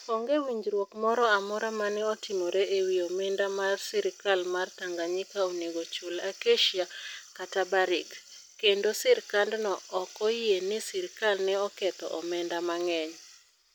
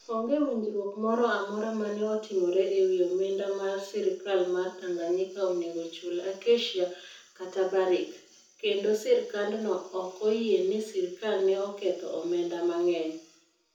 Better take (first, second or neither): first